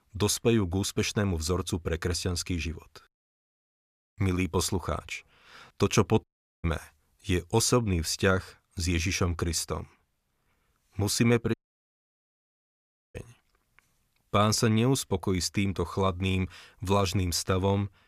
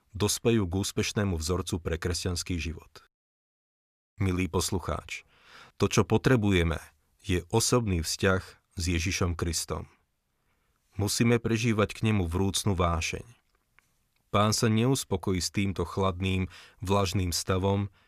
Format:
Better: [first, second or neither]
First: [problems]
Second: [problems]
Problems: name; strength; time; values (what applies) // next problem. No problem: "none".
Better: second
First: audio cutting out; at 6 s and at 12 s for 1.5 s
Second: none